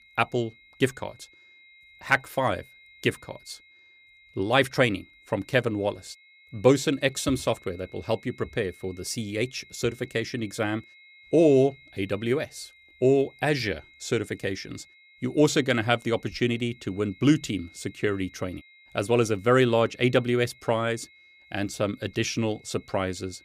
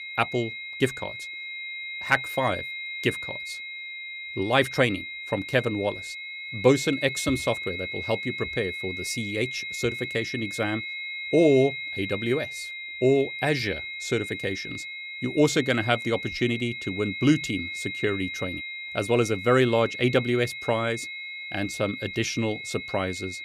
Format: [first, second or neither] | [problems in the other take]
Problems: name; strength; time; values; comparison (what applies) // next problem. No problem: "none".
first | high-pitched whine; loud; throughout; 2 kHz, 7 dB below the speech; faint in the first